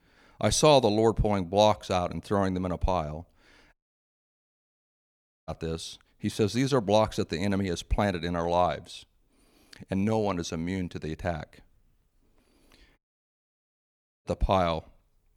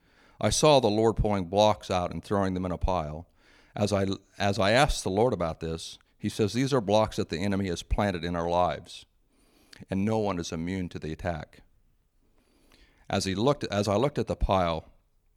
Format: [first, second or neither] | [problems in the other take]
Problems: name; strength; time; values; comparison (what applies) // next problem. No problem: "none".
second | audio cutting out; at 3.5 s for 1.5 s and at 13 s for 1.5 s